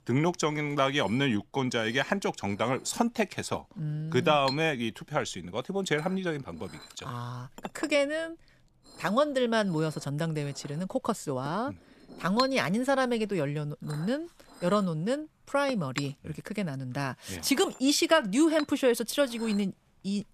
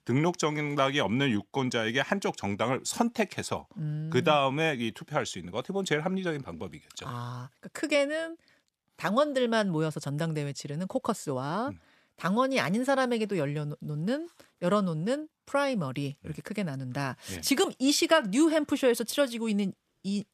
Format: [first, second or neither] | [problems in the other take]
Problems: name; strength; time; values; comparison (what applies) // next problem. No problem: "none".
second | household noises; noticeable; throughout; 15 dB below the speech